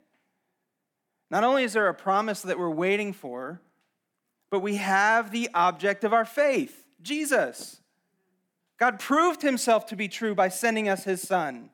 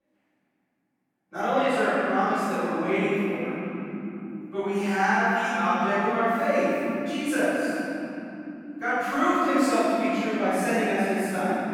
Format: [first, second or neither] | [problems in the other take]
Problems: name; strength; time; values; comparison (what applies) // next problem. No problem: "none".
first | off-mic speech; far // room echo; strong; dies away in 3 s